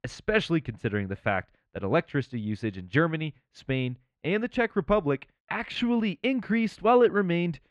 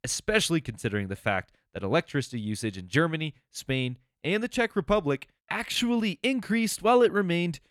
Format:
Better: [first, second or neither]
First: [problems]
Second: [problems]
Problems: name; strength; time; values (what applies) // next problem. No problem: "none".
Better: second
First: muffled; slightly; fading above 2.5 kHz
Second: none